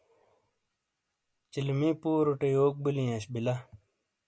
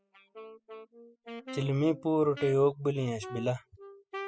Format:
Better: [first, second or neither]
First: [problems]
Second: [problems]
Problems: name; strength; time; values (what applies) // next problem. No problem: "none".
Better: first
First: none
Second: noise reduction (classical method spectral subtraction)